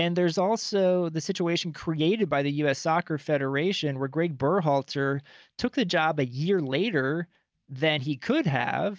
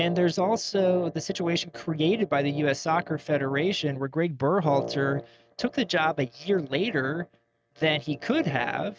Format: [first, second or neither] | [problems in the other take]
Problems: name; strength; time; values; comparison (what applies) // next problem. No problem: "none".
first | noise reduction (neural mask model RNNoise)